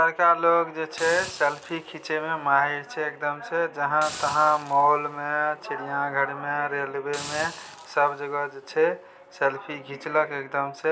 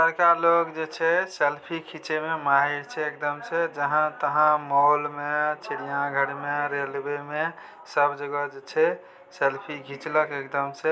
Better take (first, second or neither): second